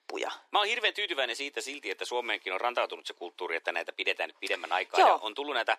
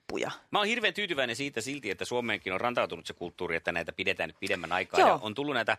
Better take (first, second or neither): second